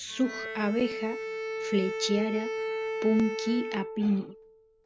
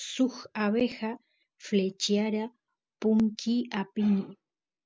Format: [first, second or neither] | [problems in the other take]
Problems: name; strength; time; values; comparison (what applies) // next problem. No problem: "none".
second | background sound (Bowed string instrument); 5 dB below the speech